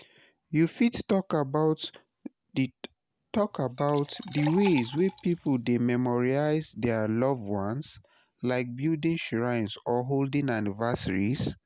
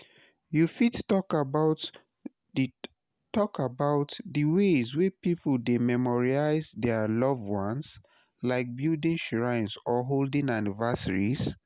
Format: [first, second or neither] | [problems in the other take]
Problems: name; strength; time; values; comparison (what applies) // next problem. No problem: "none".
second | background sound (Liquid); 16 dB below the speech